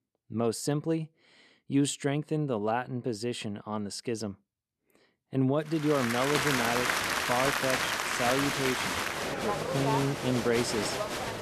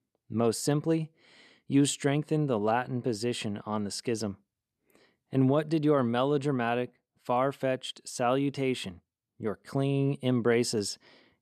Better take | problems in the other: second | crowd noise; very loud; from 6 s on; 1 dB above the speech

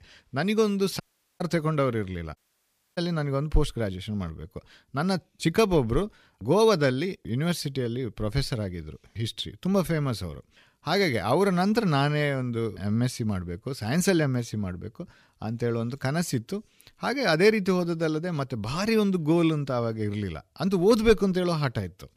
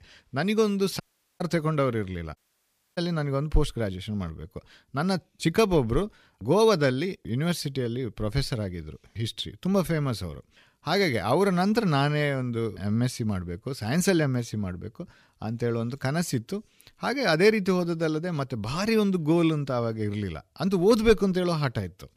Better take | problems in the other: neither | audio cutting out; at 1 s and at 2.5 s for 0.5 s; the same in both

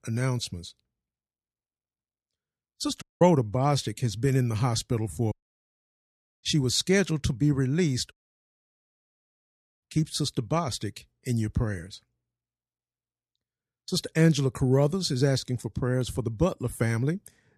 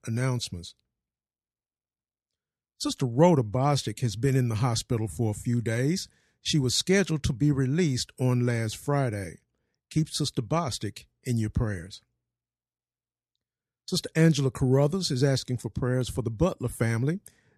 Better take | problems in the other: second | audio cutting out; at 3 s, at 5.5 s for 1 s and at 8 s for 1.5 s

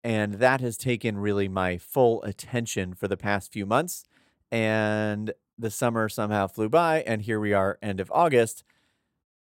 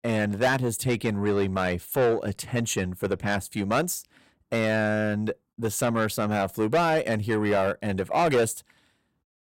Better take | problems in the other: first | distortion; heavy; 8 dB below the speech

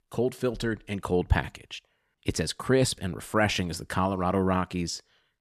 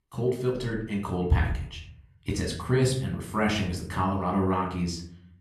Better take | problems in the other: first | off-mic speech; somewhat distant // room echo; slight; dies away in 0.6 s

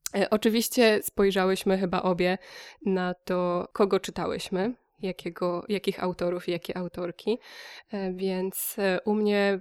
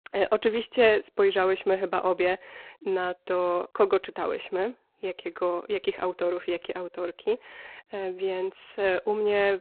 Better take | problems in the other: first | phone-call audio; poor line

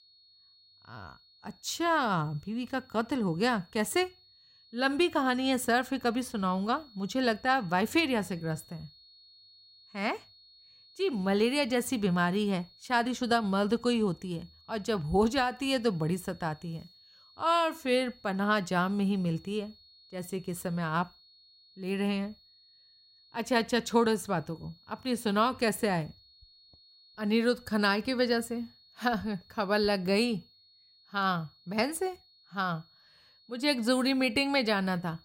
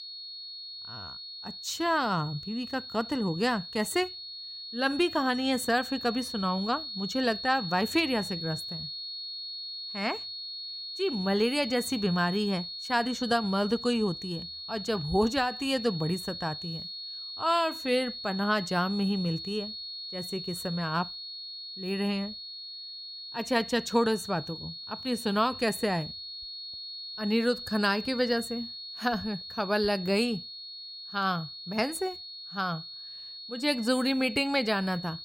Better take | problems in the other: first | high-pitched whine; loud; throughout; 4.5 kHz, 8 dB below the speech; faint in the first

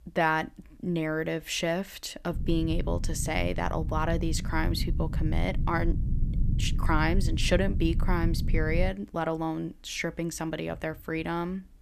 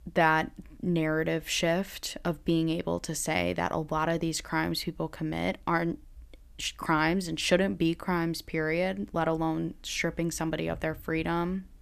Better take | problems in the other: second | low rumble; noticeable; from 2.5 to 9 s; 15 dB below the speech

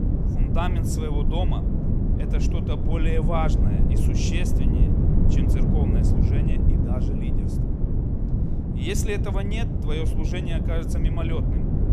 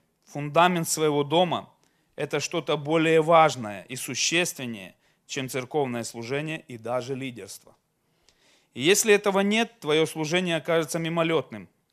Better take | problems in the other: second | low rumble; loud; throughout; 1 dB below the speech

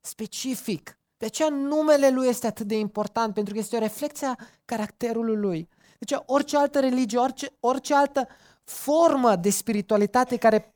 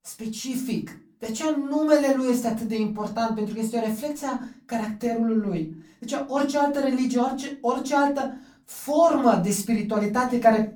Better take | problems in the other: first | off-mic speech; far // room echo; very slight; dies away in 0.3 s

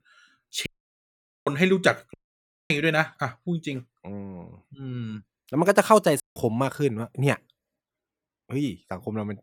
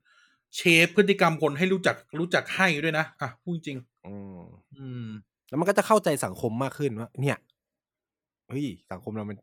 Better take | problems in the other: second | audio cutting out; at 0.5 s for 1 s, at 2 s for 0.5 s and at 6 s

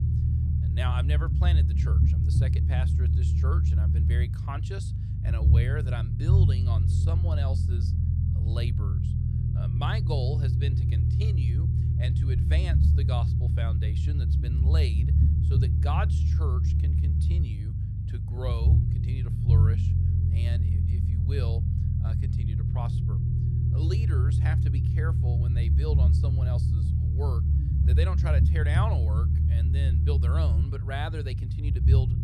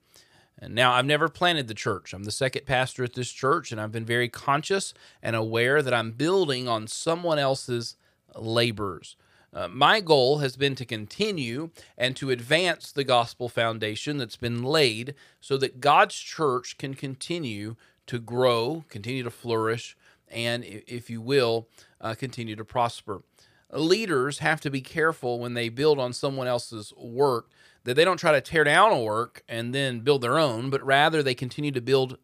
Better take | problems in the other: second | low rumble; loud; throughout; as loud as the speech

